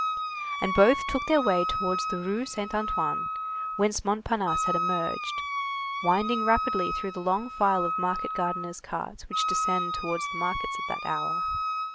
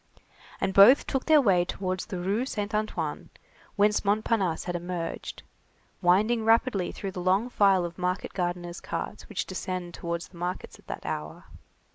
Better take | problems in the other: second | background sound (Wind instrument, woodwind instrument); 2 dB below the speech

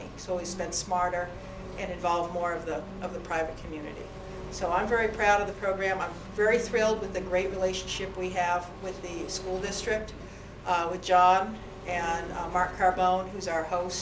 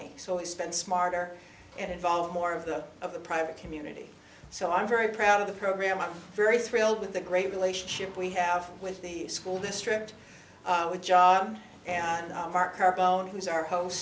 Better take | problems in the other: second | background sound (Engine); 12 dB below the speech

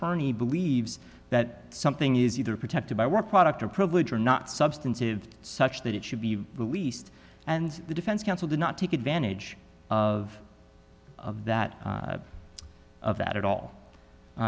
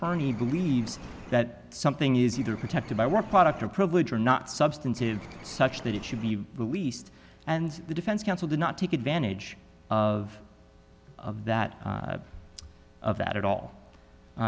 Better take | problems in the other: first | background sound (Bird); 15 dB below the speech

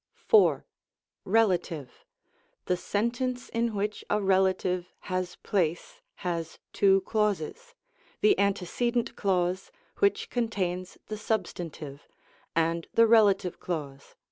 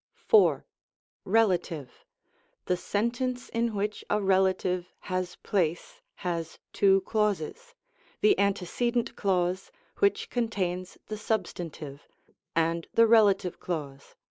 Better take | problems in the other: first | noise reduction (neural mask model Resemble Enhance denoiser)

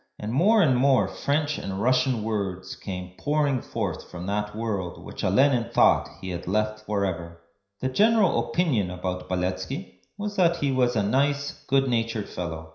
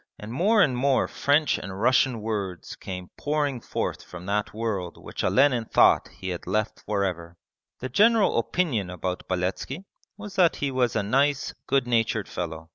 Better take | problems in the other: second | room echo; dies away in 0.5 s

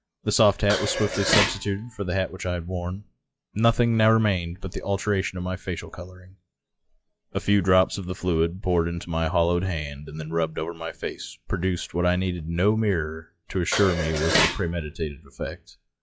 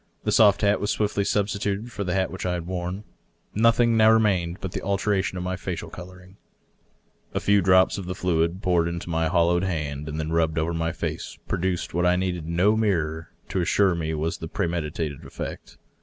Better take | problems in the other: second | noise reduction (classical method log-MMSE)

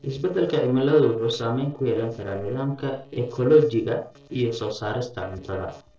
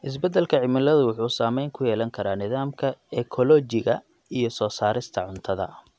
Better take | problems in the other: second | noise reduction (neural separator model SepFormer DNS4)

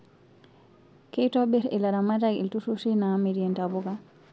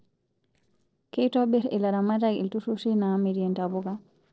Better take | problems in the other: first | noise reduction (neural separator model SepFormer DNS4)

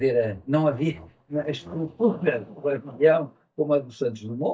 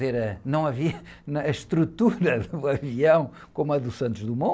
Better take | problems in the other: second | noise reduction (neural mask model DeepFilterNet 3)

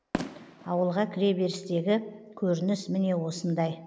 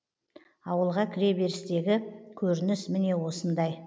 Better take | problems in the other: second | background sound (Fireworks); 15 dB below the speech

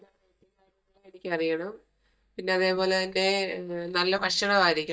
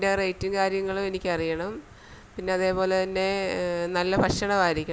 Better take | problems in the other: second | noise reduction (neural mask model DeepFilterNet 3)

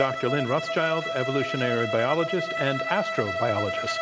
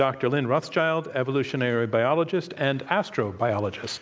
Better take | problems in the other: second | background sound (Bowed string instrument); 3 dB below the speech

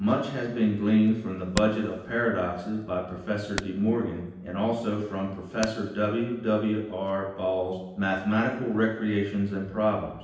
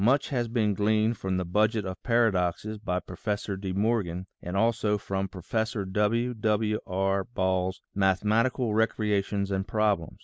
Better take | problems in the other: second | background sound (Hammer); 18 dB below the speech // room echo; dies away in 0.9 s

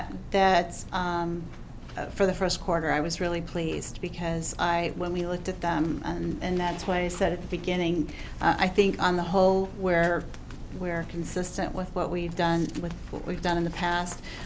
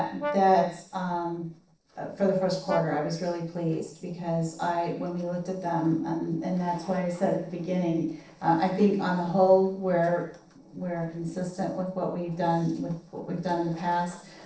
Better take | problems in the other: first | noise reduction (neural separator model SepFormer DNS4)

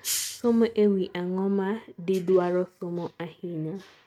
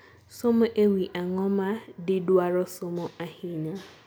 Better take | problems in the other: second | noise reduction (neural mask model RNNoise)

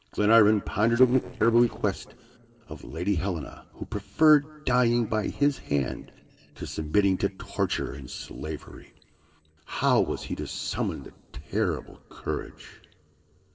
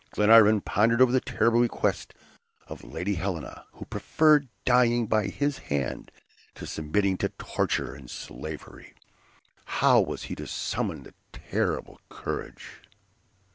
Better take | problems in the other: second | noise reduction (neural separator model SepFormer DNS4)

